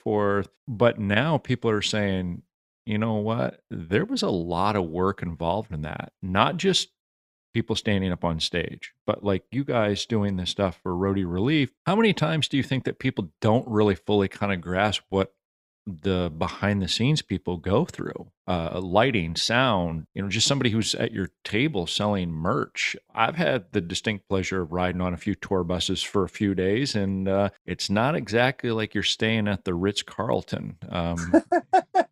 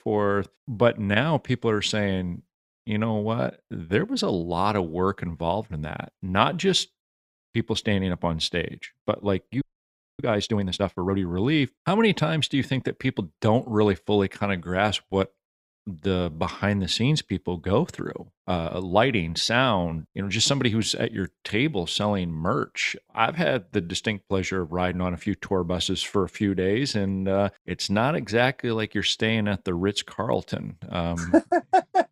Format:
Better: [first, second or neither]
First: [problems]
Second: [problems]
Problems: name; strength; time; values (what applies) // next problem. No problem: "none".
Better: first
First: none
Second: audio freezing; at 9.5 s for 0.5 s